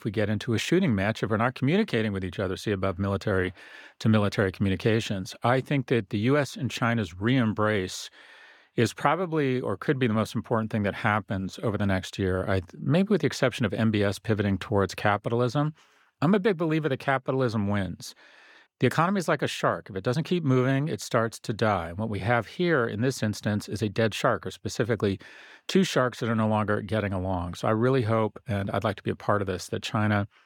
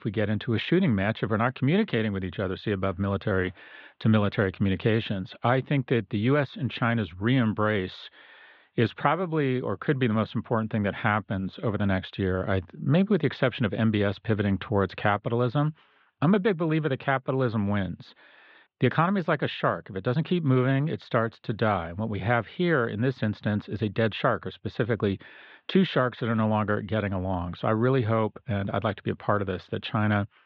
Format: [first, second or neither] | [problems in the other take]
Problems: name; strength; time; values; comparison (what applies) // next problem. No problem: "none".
first | muffled; slightly; fading above 3.5 kHz